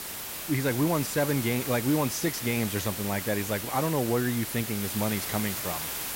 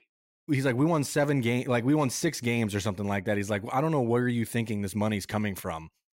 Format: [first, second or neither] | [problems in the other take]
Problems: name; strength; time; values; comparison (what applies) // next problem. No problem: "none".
second | hiss; loud; throughout; 4 dB below the speech